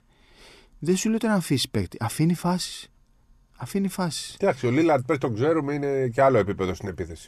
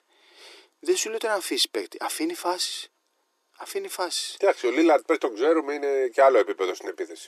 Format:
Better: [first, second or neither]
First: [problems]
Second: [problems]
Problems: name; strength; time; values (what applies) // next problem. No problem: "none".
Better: first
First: none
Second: thin; very; fading below 350 Hz